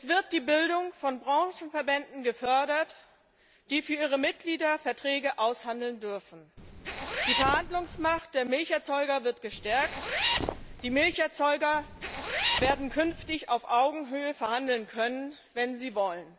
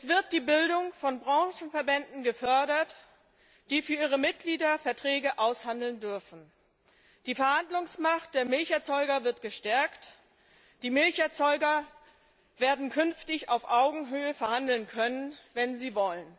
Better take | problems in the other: second | background sound (Zipper (clothing)); 4 dB below the speech

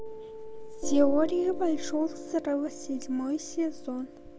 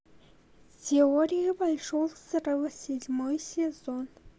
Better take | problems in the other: second | background sound (Piano); 5 dB below the speech

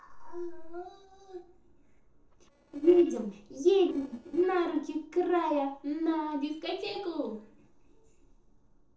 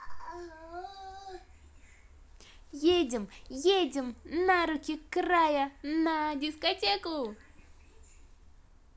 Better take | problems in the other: second | noise reduction (neural separator model SepFormer DNS4)

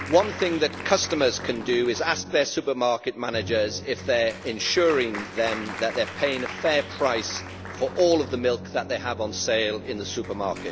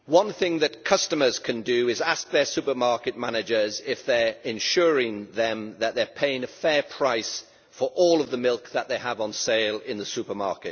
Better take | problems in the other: second | background sound (Musical instrument + Applause); 12 dB below the speech

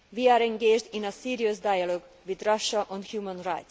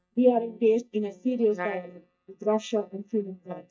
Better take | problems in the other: first | noise reduction (neural mask model DeepFilterNet 3)

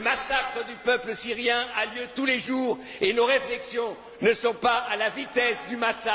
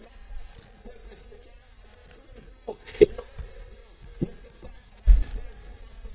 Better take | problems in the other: first | noise reduction (neural mask model DeepFilterNet 3)

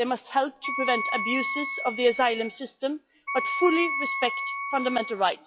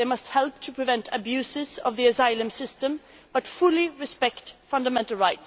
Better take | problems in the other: second | noise reduction (classical method log-MMSE)

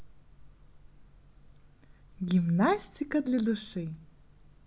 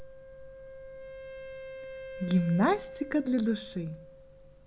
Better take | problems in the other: first | background sound (Wind instrument, woodwind instrument); 13 dB below the speech

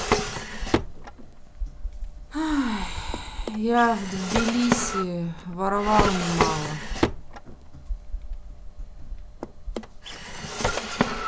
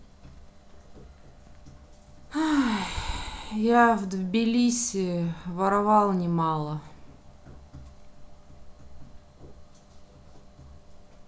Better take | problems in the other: second | background sound (Drawer open or close); as loud as the speech

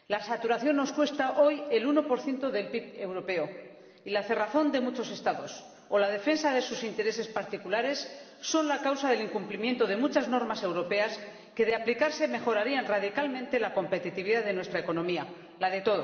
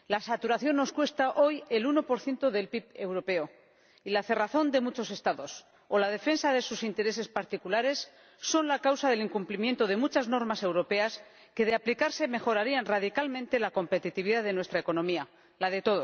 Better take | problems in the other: second | room echo; dies away in 3 s

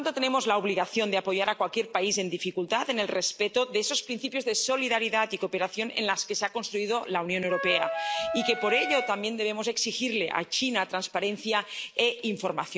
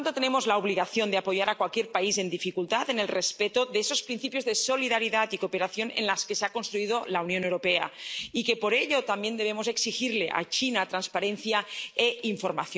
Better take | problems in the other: second | background sound (Wind instrument, woodwind instrument); 3 dB below the speech

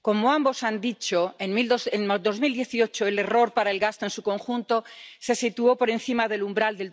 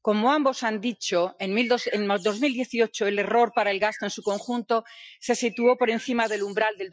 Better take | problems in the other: first | noise reduction (classical method Wiener filter)

